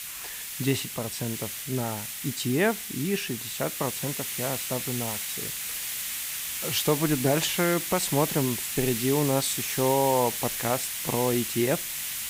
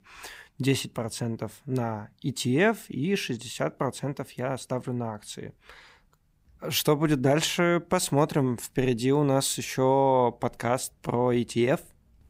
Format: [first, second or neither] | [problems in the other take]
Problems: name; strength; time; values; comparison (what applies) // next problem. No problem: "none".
second | hiss; loud; throughout; 3 dB below the speech